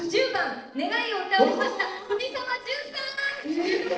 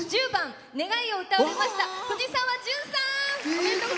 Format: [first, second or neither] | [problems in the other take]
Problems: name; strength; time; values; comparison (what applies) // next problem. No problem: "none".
second | noise reduction (neural separator model SepFormer DNS4)